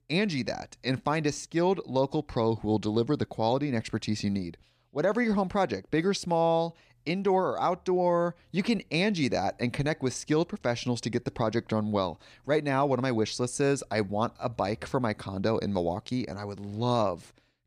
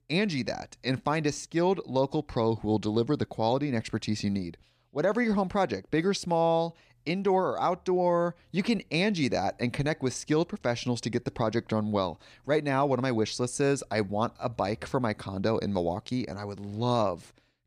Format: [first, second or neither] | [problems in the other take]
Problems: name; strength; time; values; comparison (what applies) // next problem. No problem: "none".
neither | none